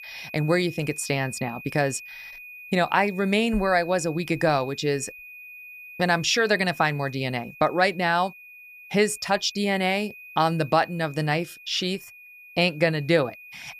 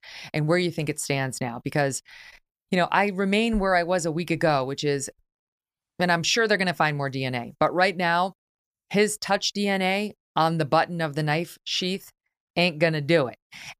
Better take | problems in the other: second | high-pitched whine; noticeable; throughout; 2.5 kHz, 15 dB below the speech

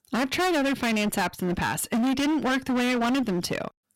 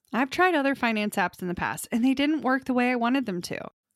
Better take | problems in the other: second | distortion; heavy; 31% of the sound clipped

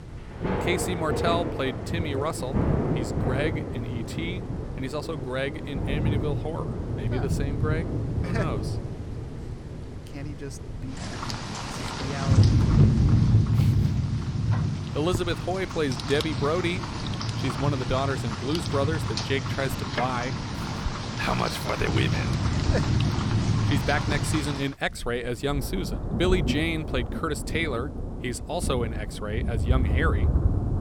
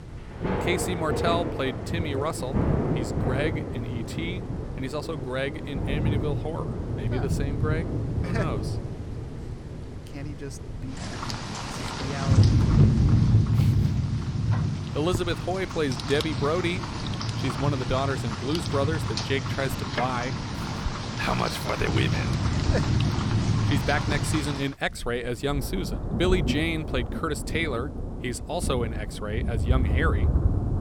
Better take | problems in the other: neither | rain or running water; very loud; throughout; 2 dB above the speech; the same in both

